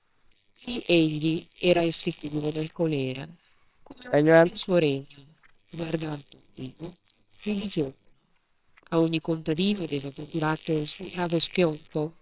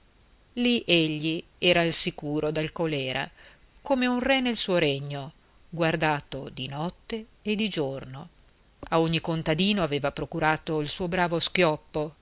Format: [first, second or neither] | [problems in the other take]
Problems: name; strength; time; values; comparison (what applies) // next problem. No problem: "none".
second | noise reduction (neural separator model SepFormer WHAMR!)